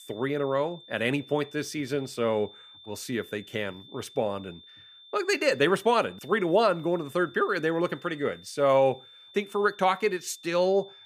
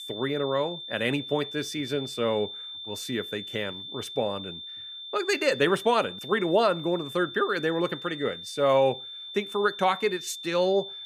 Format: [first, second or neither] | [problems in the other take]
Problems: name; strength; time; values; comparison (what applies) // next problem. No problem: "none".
first | high-pitched whine; loud; throughout; 3.5 kHz, 10 dB below the speech; faint in the first